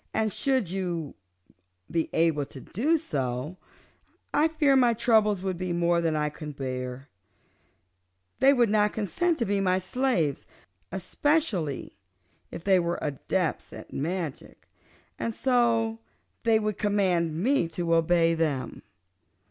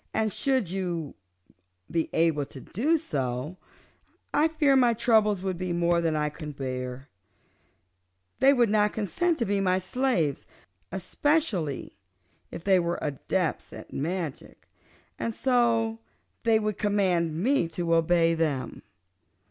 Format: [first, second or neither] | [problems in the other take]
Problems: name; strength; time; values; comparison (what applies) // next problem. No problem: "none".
first | background sound (Raindrop / Drip); 18 dB below the speech